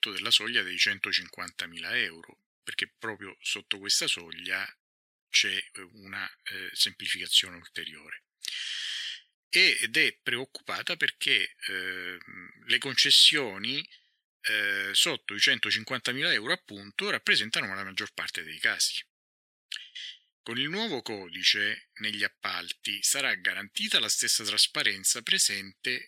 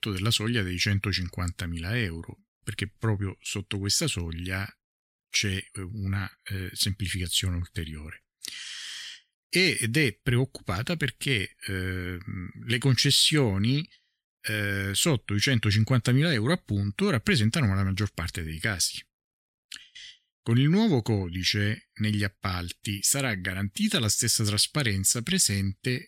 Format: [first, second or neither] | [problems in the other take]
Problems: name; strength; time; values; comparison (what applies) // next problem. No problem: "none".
second | thin; very; fading below 400 Hz